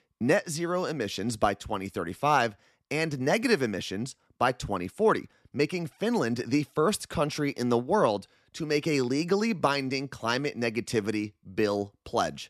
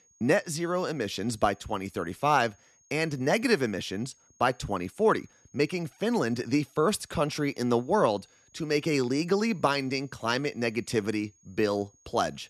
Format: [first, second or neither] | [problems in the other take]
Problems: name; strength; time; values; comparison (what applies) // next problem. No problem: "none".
first | high-pitched whine; faint; throughout; 6.5 kHz, 30 dB below the speech